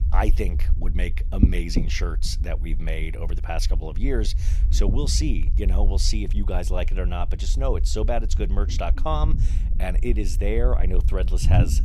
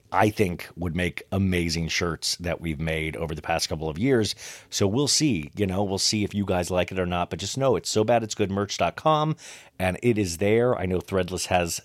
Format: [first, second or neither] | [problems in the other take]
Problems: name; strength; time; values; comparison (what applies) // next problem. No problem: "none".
second | low rumble; noticeable; throughout; 10 dB below the speech